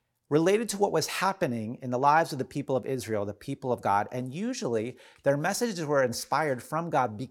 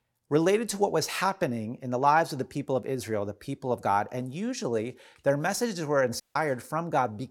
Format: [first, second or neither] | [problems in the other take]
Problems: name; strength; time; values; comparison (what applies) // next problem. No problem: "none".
first | audio cutting out; at 6 s